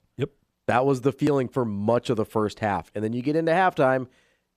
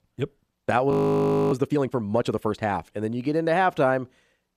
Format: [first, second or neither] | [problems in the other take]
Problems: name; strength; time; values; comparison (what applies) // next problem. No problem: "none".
first | audio freezing; at 1 s for 0.5 s